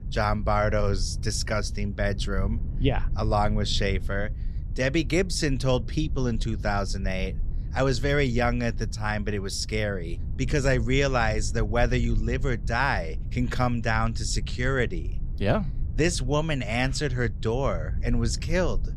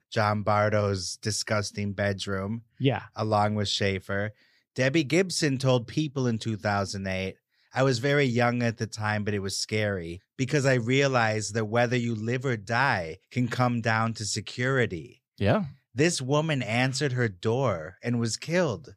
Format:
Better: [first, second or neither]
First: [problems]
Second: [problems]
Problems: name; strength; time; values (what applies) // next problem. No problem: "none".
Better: second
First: low rumble; faint; throughout; 20 dB below the speech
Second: none